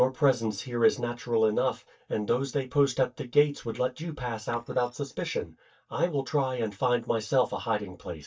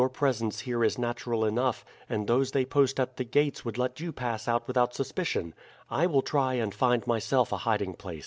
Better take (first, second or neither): second